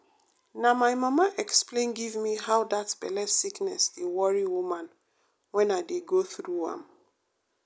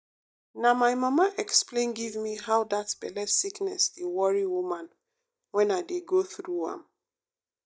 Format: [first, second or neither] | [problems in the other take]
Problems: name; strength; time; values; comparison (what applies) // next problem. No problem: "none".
first | noise reduction (neural mask model DeepFilterNet 3)